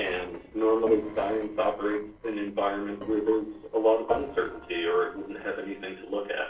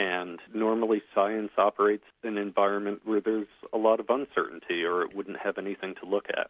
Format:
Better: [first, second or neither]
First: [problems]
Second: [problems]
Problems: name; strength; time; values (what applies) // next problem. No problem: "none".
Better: second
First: noise reduction (neural separator model SepFormer DNS4)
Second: none